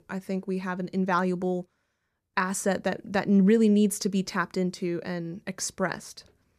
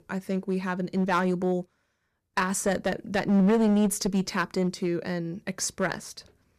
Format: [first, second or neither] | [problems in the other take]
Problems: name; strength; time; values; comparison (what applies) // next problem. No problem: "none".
first | distortion; slight; 6% of the sound clipped